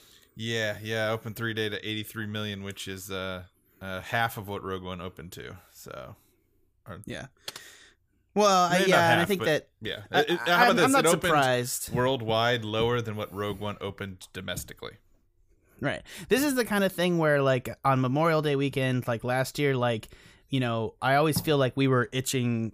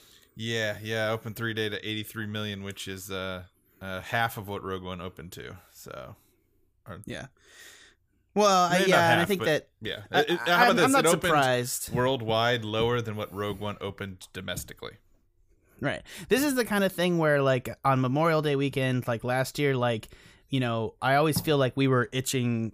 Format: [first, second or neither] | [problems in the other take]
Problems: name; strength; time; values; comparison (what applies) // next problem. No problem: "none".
second | keyboard typing; faint; at 7.5 s; peak 15 dB below the speech